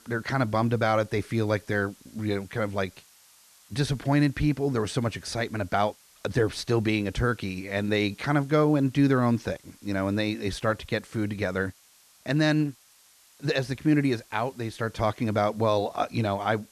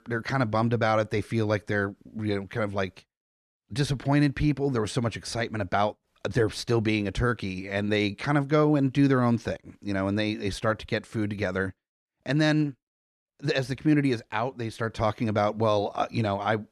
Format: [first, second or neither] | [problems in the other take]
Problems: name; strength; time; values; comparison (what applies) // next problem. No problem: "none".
second | hiss; faint; throughout; 25 dB below the speech